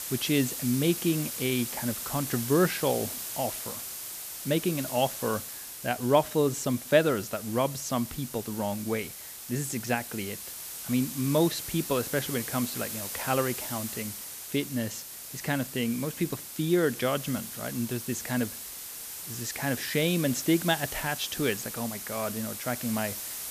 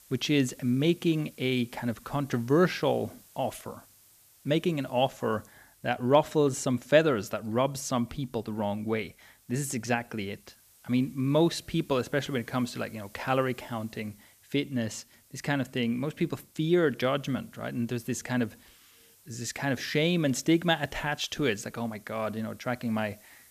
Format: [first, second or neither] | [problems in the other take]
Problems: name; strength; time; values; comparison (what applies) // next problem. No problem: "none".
second | hiss; loud; throughout; 6 dB below the speech; faint in the second